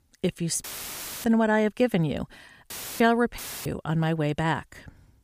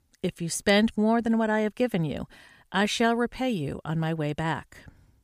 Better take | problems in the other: second | audio cutting out; filled with static; at 0.5 s for 0.5 s, at 2.5 s and at 3.5 s

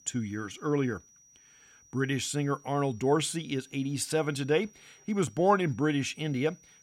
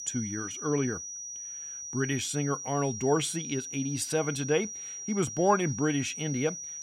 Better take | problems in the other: first | high-pitched whine; loud; throughout; 6 kHz, 7 dB below the speech; faint in the first

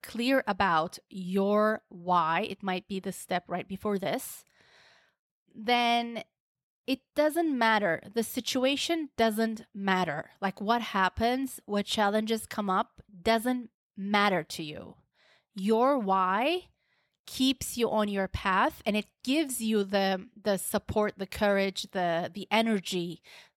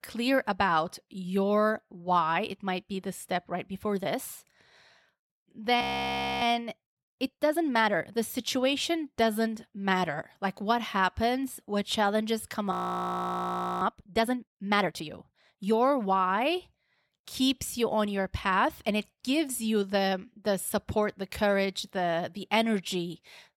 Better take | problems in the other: first | audio freezing; at 6 s for 0.5 s and at 13 s for 1 s

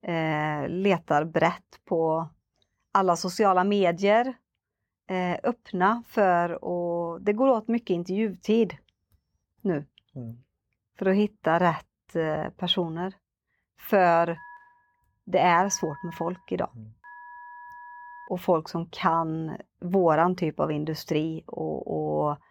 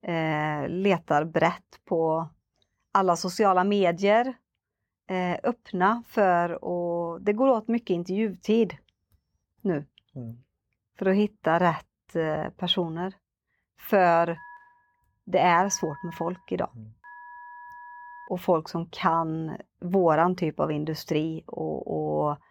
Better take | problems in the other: neither | phone ringing; faint; from 14 to 18 s; peak 20 dB below the speech; the same in both

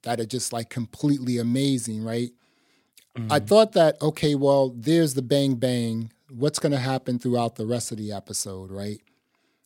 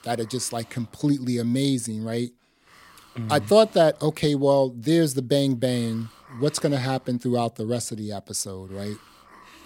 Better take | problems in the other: first | hiss; faint; throughout; 25 dB below the speech

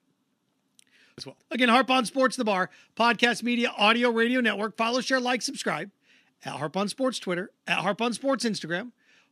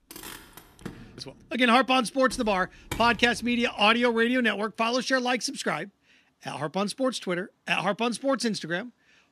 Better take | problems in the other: first | traffic noise; noticeable; throughout; 20 dB below the speech

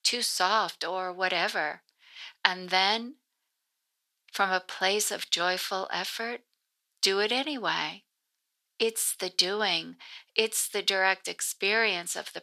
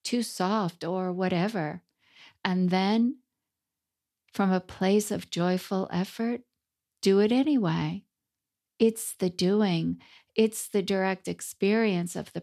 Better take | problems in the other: second | thin; very; fading below 750 Hz

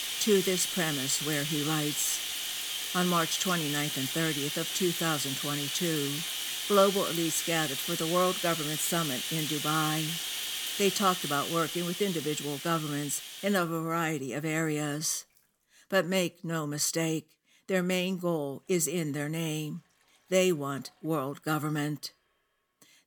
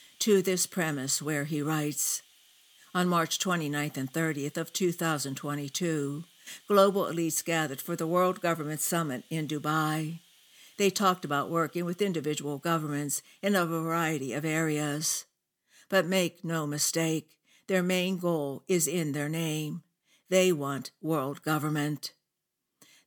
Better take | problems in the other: second | household noises; loud; throughout; 2 dB below the speech; faint in the second

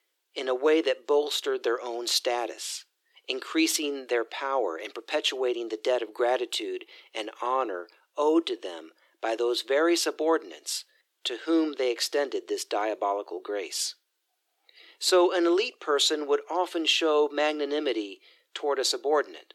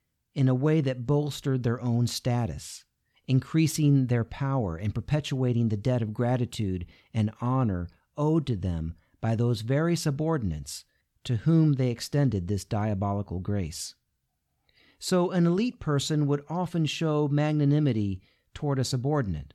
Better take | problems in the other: second | thin; very; fading below 350 Hz

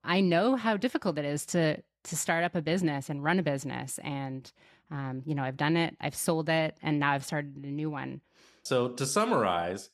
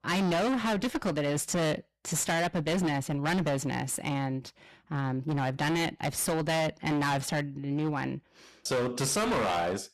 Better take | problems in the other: first | distortion; heavy; 24% of the sound clipped

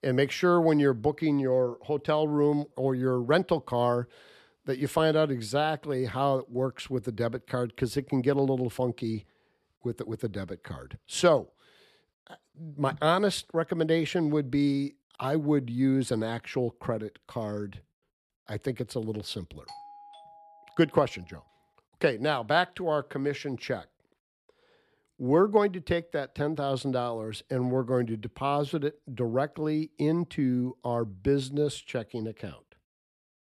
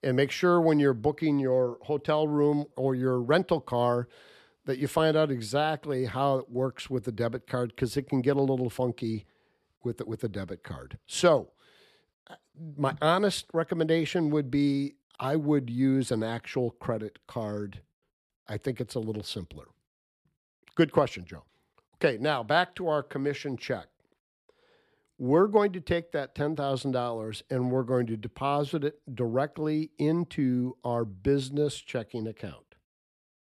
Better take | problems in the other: second | doorbell; faint; from 20 to 21 s; peak 20 dB below the speech

